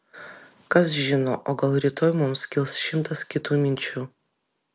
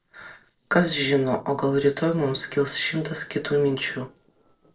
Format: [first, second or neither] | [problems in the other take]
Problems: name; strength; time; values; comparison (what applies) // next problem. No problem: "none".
first | noise reduction (neural separator model SepFormer DNS4)